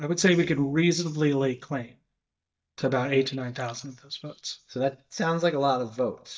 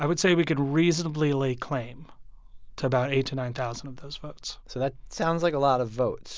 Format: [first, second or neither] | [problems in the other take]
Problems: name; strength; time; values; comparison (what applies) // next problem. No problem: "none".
second | noise reduction (neural mask model DeepFilterNet 3)